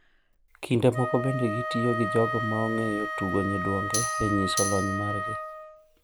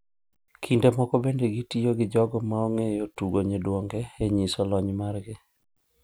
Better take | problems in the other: second | background sound (Wind instrument, woodwind instrument + Tambourine); 4 dB below the speech

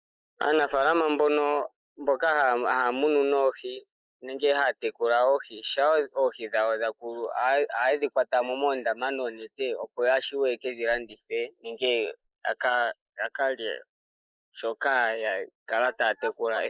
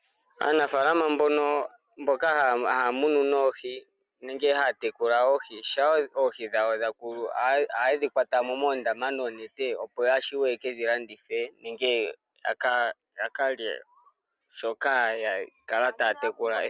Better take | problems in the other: second | noise reduction (neural mask model Resemble Enhance denoiser)

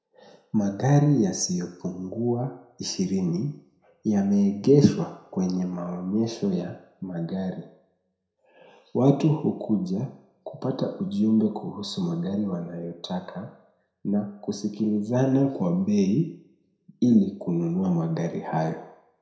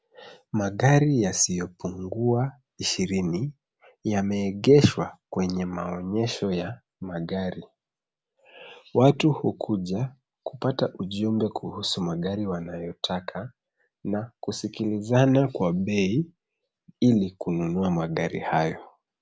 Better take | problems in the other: second | room echo; dies away in 0.6 s

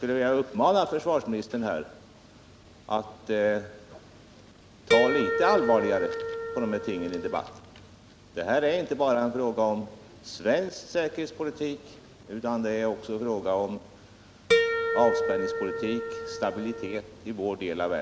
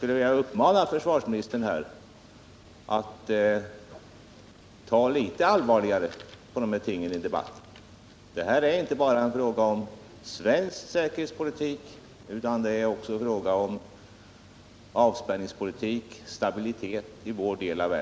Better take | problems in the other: second | background sound (Harp); as loud as the speech

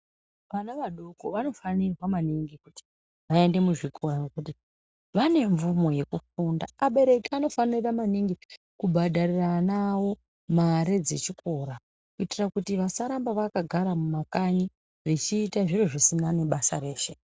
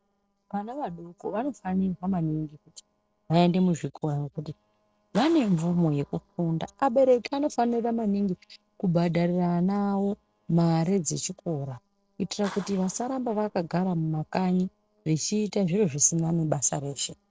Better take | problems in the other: first | noise reduction (neural separator model SepFormer DNS4)

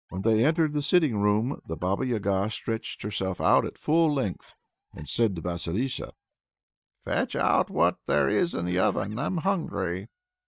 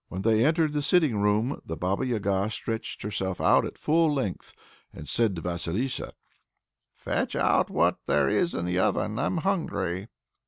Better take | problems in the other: second | noise reduction (neural mask model DeepFilterNet 3)

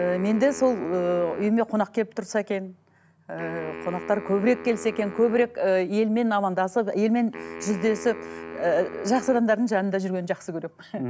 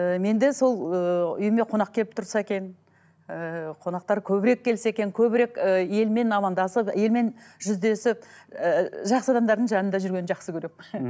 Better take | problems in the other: second | background sound (Wind instrument, woodwind instrument); 15 dB below the speech

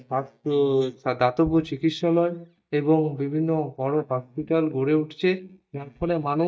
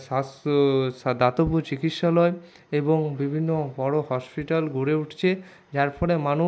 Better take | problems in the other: second | noise reduction (neural mask model DeepFilterNet 3)

